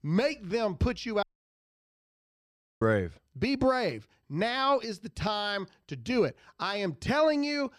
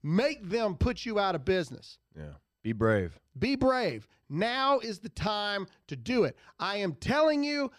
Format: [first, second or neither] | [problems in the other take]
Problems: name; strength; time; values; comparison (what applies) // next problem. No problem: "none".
second | audio cutting out; at 1 s for 1.5 s